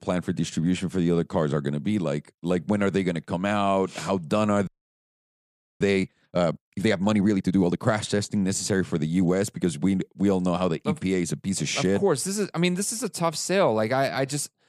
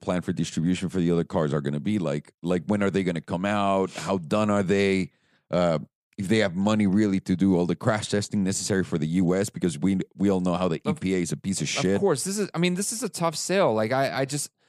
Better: second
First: audio freezing; at 4.5 s for 1 s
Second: none

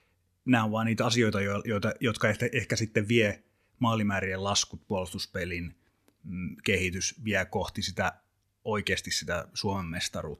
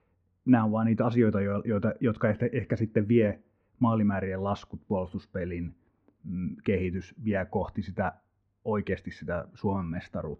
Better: first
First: none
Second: muffled; very; fading above 1 kHz

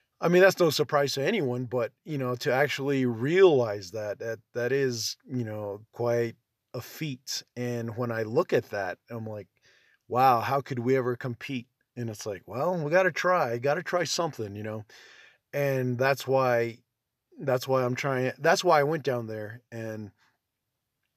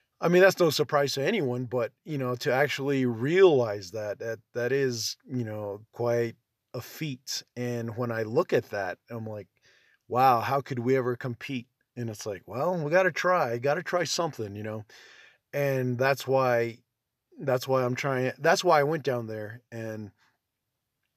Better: neither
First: none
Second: none

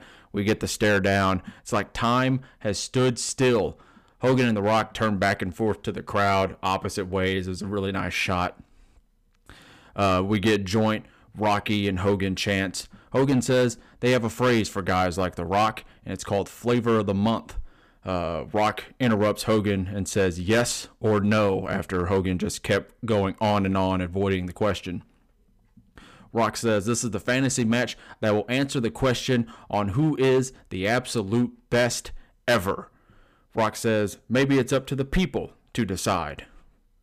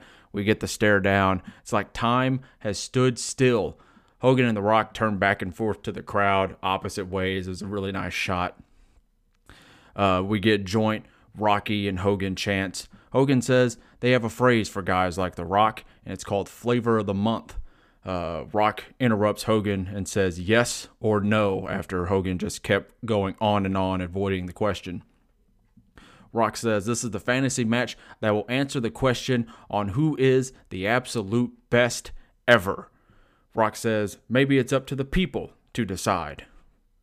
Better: second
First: distortion; slight; 5% of the sound clipped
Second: none

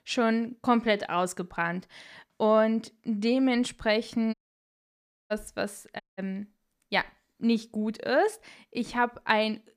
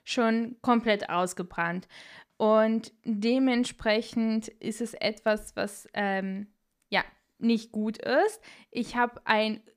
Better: second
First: audio cutting out; at 4.5 s for 1 s and at 6 s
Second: none

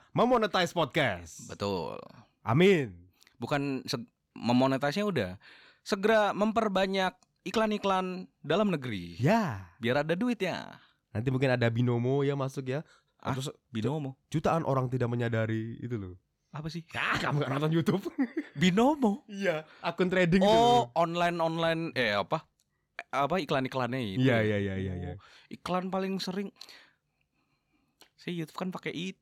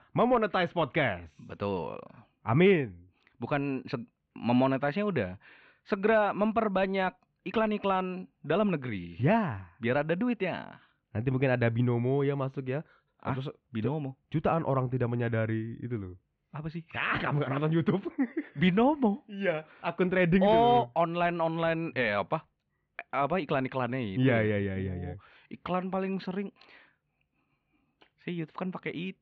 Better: first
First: none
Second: muffled; very; fading above 3 kHz

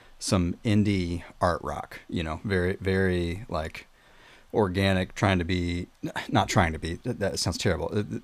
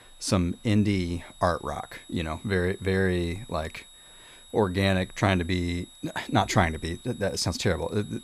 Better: first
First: none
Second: high-pitched whine; faint; throughout; 4 kHz, 20 dB below the speech

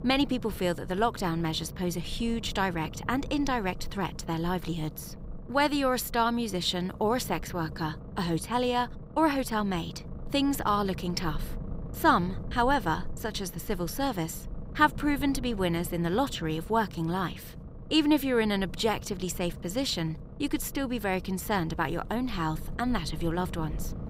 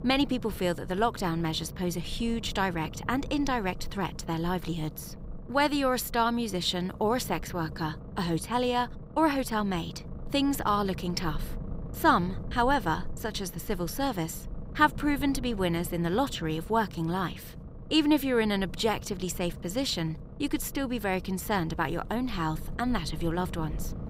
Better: neither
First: low rumble; faint; throughout; 20 dB below the speech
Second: low rumble; faint; throughout; 20 dB below the speech

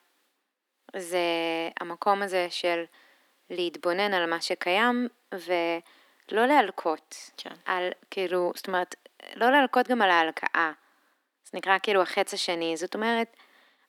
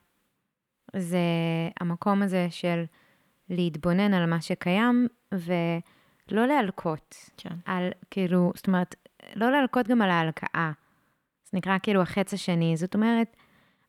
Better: second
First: thin; somewhat; fading below 300 Hz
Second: none

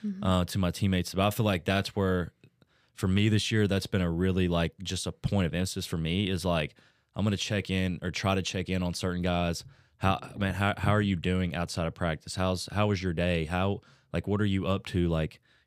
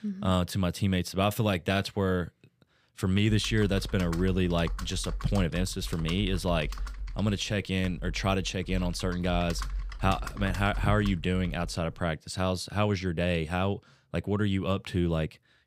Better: first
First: none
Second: keyboard typing; noticeable; from 3.5 to 12 s; peak 8 dB below the speech

